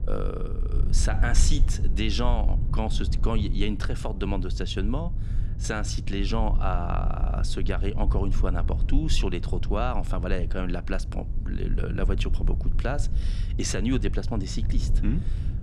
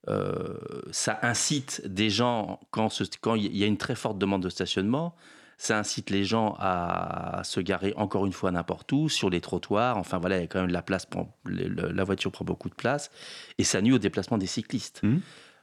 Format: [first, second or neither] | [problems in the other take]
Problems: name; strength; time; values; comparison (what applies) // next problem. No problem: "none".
second | low rumble; noticeable; throughout; 15 dB below the speech